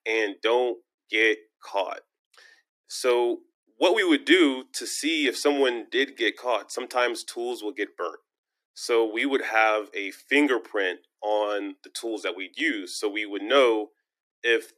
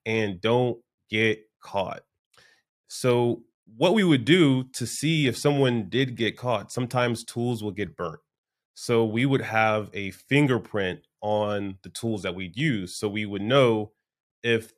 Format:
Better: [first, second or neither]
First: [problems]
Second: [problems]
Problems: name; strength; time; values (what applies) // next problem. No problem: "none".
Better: second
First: thin; somewhat; fading below 300 Hz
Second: none